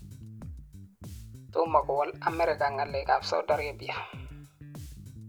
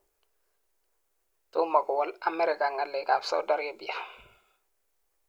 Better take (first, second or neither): second